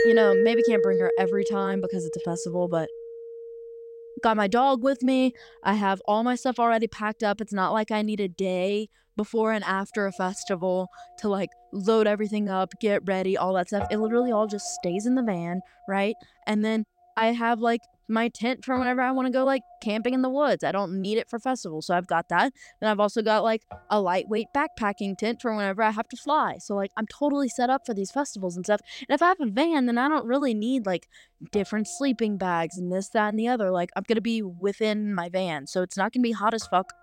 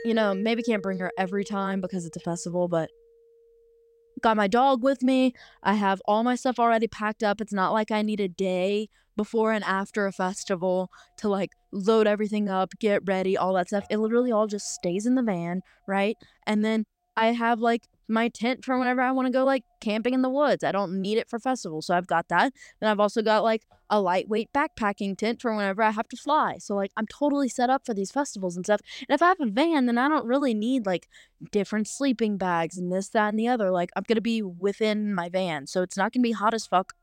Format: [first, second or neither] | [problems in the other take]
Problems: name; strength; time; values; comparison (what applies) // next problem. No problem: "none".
second | background music; loud; throughout; 2 dB below the speech; faint in the second